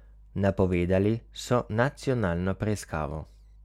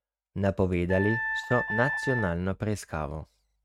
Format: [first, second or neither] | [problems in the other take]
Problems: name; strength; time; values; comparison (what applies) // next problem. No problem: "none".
first | noise reduction (neural mask model RNNoise)